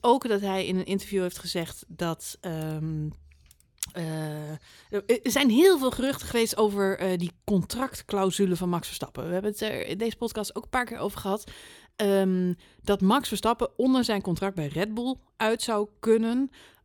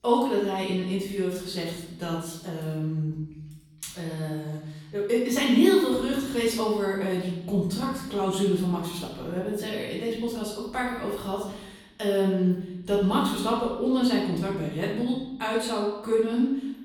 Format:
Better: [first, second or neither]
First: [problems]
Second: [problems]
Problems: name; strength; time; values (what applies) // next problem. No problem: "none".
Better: first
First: none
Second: off-mic speech; far // room echo; noticeable; dies away in 0.9 s